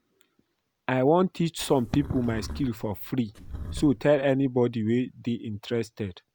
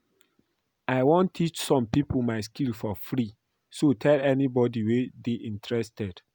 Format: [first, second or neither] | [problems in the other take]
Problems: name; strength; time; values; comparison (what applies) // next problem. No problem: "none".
second | background sound (Livestock, farm animals, working animals); 13 dB below the speech